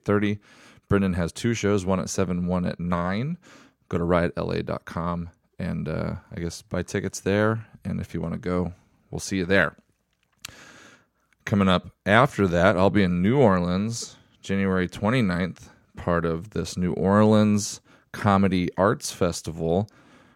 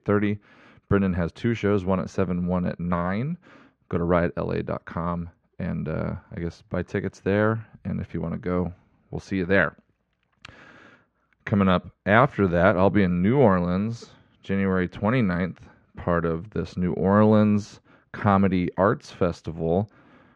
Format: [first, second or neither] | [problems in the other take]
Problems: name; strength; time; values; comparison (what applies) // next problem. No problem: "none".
first | muffled; slightly; fading above 2.5 kHz